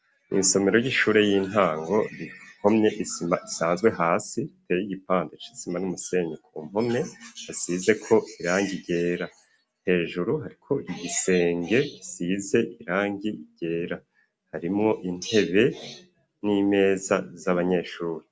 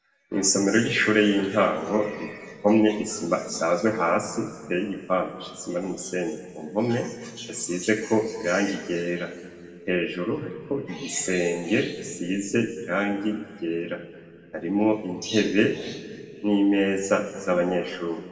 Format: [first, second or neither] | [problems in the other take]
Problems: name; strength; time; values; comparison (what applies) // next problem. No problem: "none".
first | room echo; dies away in 1.7 s